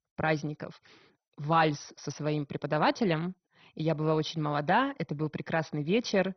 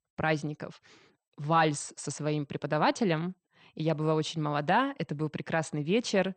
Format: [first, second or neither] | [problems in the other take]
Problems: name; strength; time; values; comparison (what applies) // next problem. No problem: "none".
second | garbled, watery; badly; nothing above 6 kHz; slightly in the second